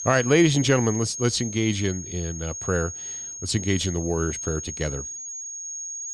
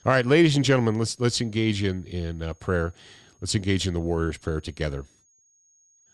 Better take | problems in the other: second | high-pitched whine; loud; throughout; 6.5 kHz, 7 dB below the speech; faint in the second

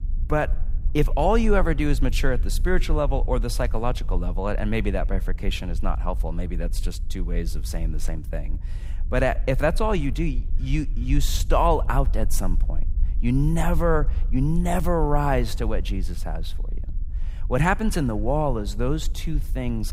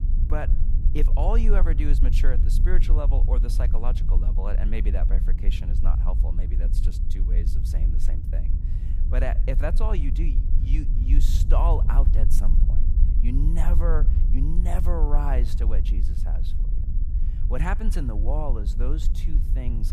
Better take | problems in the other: first | low rumble; loud; throughout; 9 dB below the speech; faint in the first

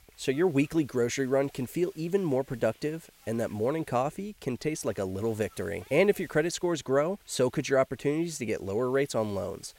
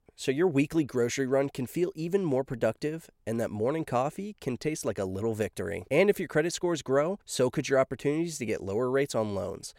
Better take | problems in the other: second | hiss; faint; throughout; 25 dB below the speech

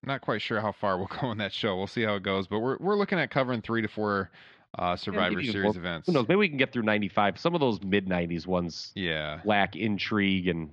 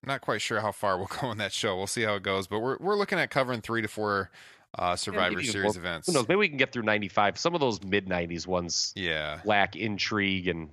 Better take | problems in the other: second | muffled; slightly; fading above 4 kHz

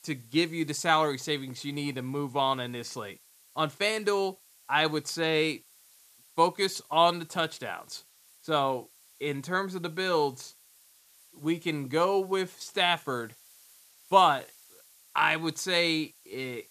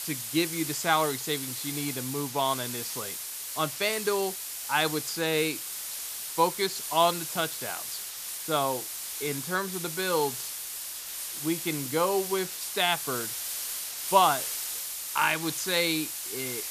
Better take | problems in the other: first | hiss; loud; throughout; 4 dB below the speech; faint in the first

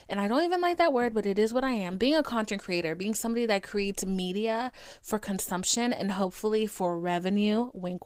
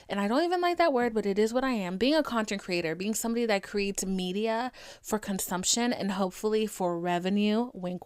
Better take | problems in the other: second | garbled, watery; slightly; nothing above 15.5 kHz

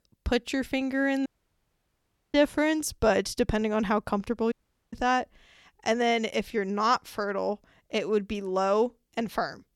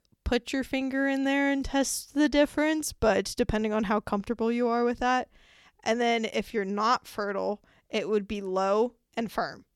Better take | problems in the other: second | audio cutting out; at 1.5 s for 1 s and at 4.5 s

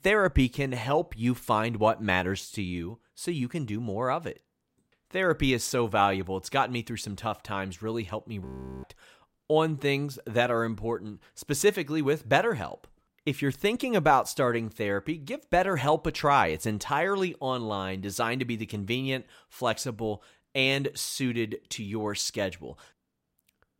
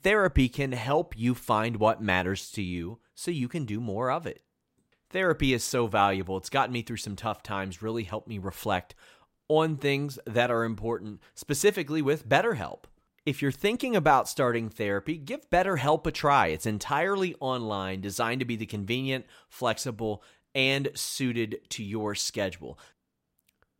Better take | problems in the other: second | audio freezing; at 8.5 s

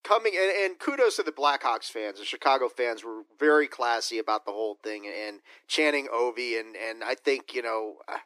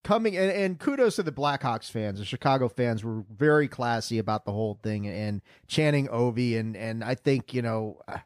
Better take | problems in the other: second | thin; very; fading below 300 Hz

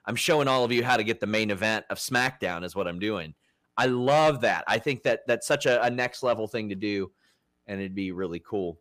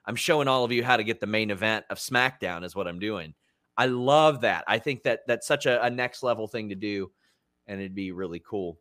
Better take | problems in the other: second | distortion; slight; 10 dB below the speech

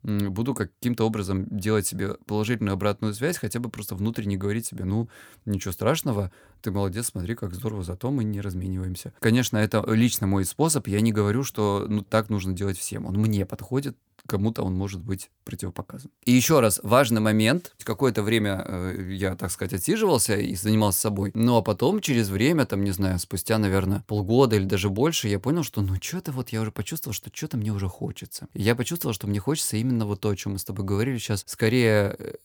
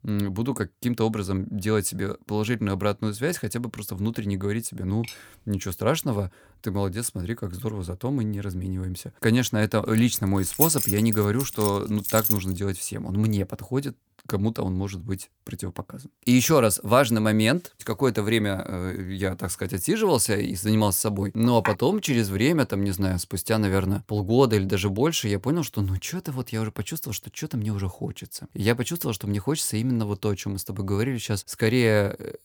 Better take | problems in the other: first | clattering dishes; faint; at 5 s; peak 15 dB below the speech // jangling keys; loud; from 10 to 12 s; peak 3 dB above the speech // clattering dishes; noticeable; at 21 s; peak 5 dB below the speech

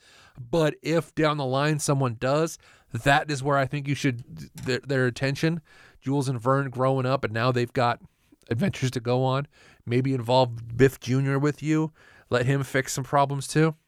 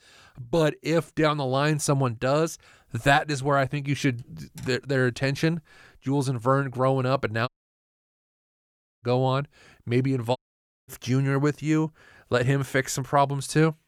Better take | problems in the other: first | audio cutting out; at 7.5 s for 1.5 s and at 10 s for 0.5 s

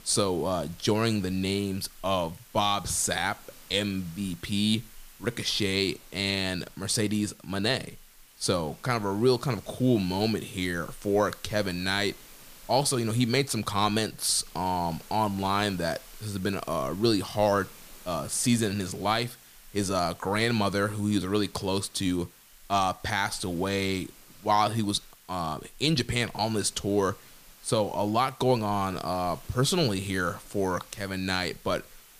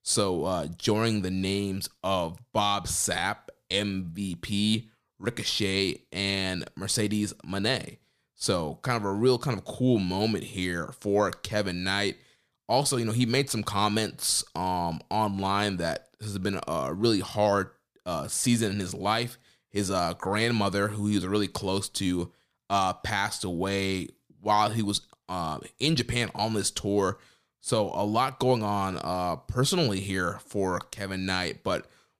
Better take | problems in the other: second | hiss; faint; throughout; 20 dB below the speech

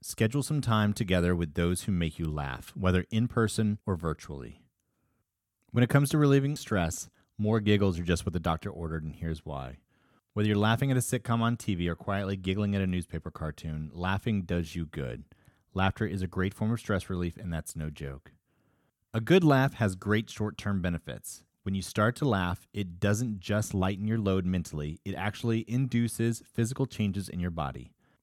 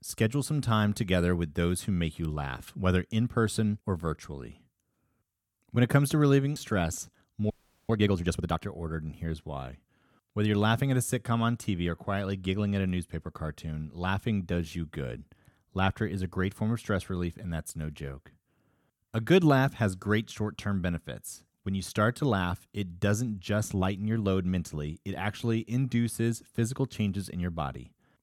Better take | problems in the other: first | audio freezing; at 7.5 s

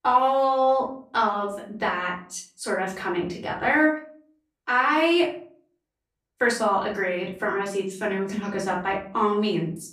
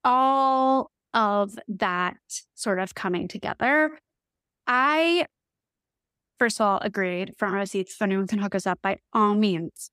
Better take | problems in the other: second | off-mic speech; far // room echo; slight; dies away in 0.4 s

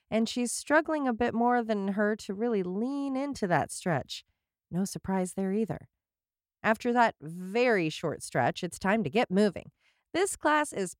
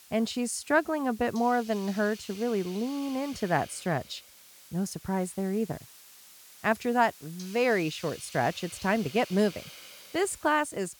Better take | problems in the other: first | hiss; noticeable; throughout; 15 dB below the speech

